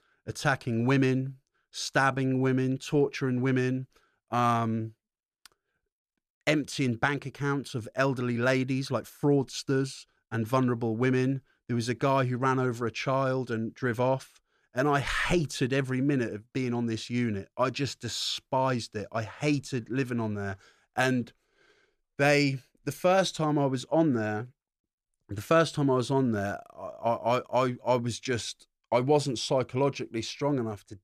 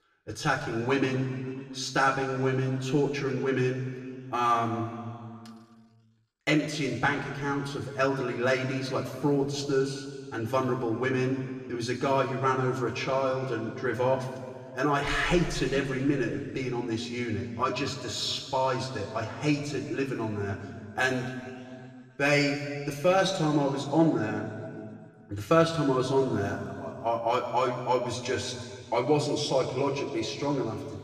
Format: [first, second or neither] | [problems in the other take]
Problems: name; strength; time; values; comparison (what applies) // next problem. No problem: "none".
first | room echo; slight; dies away in 2.1 s // off-mic speech; somewhat distant